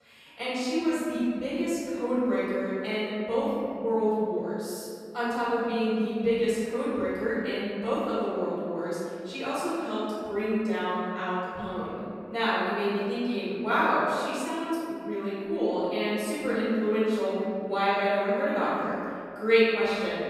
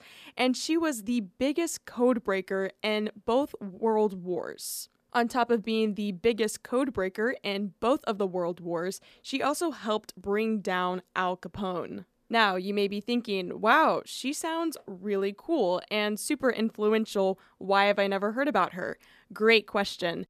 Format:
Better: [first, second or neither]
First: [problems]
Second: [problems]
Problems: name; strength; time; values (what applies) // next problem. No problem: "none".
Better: second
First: off-mic speech; far // room echo; strong; dies away in 2.2 s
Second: none